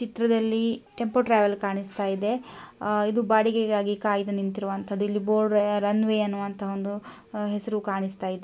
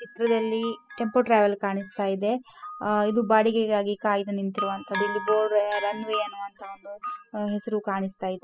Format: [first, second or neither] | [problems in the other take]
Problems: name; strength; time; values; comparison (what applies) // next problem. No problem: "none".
first | noise reduction (classical method spectral subtraction)